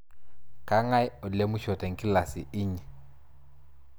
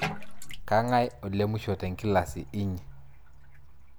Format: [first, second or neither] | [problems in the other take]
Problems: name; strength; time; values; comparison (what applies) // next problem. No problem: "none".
first | background sound (Bathtub (filling or washing)); 14 dB below the speech